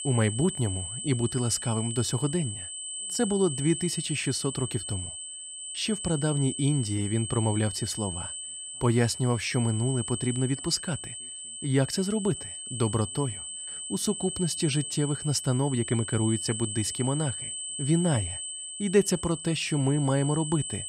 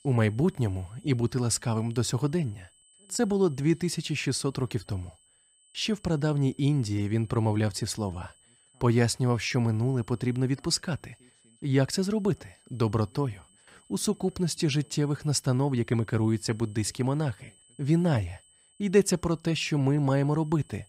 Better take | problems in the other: second | high-pitched whine; loud; throughout; 8 kHz, 6 dB below the speech; faint in the second

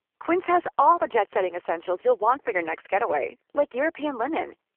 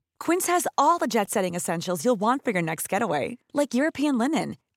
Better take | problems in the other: second | phone-call audio; poor line

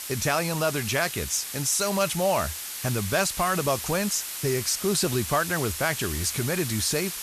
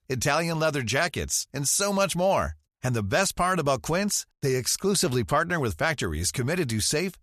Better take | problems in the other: second | hiss; loud; throughout; 6 dB below the speech

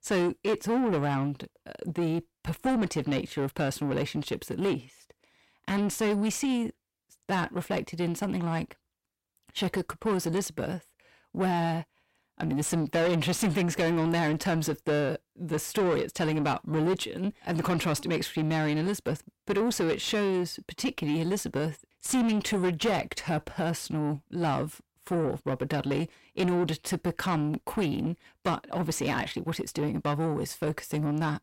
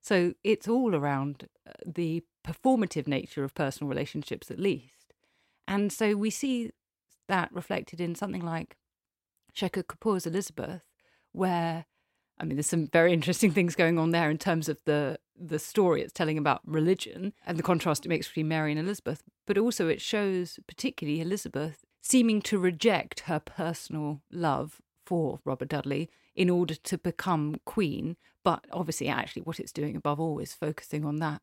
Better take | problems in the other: second | distortion; heavy; 7 dB below the speech

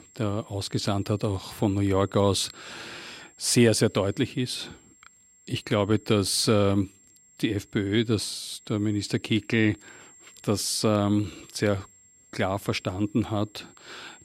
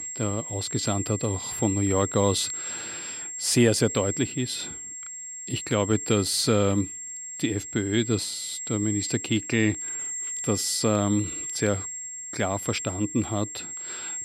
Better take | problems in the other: first | high-pitched whine; loud; throughout; 7.5 kHz, 6 dB below the speech; faint in the first

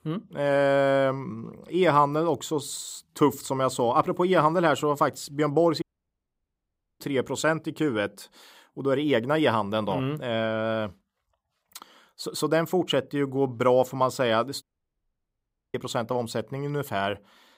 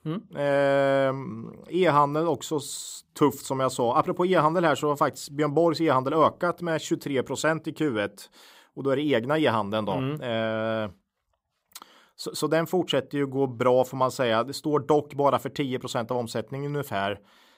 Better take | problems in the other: second | audio cutting out; at 6 s for 1 s and at 15 s for 1 s

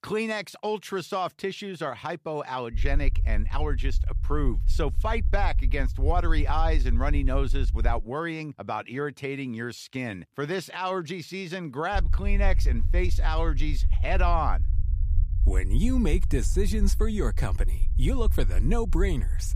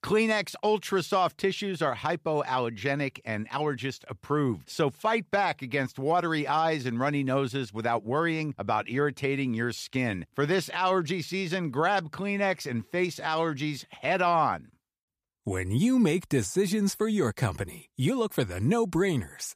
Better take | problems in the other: second | low rumble; noticeable; from 2.5 to 8 s and from 12 s on; 20 dB below the speech

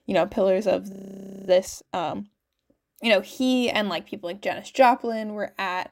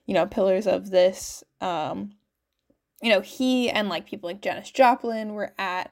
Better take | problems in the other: second | audio freezing; at 1 s for 0.5 s

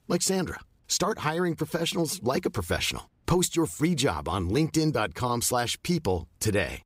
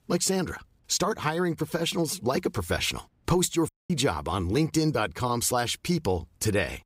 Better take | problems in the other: first | audio cutting out; at 3.5 s

